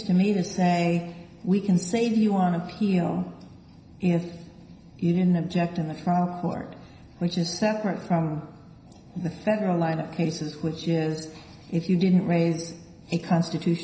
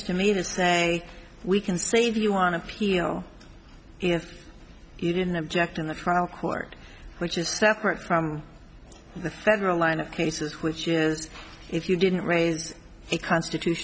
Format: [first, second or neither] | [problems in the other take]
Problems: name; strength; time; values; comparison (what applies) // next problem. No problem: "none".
second | room echo; dies away in 0.9 s